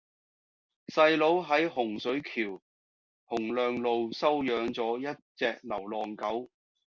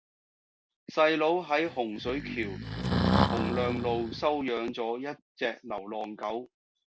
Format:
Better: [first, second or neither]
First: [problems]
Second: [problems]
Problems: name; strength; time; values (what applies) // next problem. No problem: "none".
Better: first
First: none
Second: background sound (Breathing); 1 dB above the speech